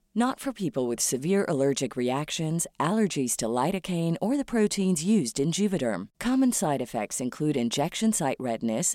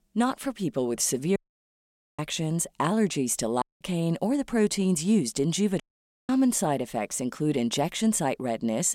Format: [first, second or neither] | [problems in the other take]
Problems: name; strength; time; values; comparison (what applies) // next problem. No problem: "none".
first | audio cutting out; at 1.5 s for 1 s, at 3.5 s and at 6 s